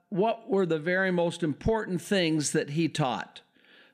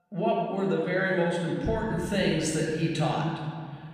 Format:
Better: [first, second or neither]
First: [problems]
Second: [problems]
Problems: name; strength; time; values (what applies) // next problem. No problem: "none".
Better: first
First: none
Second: room echo; noticeable; dies away in 1.9 s // off-mic speech; somewhat distant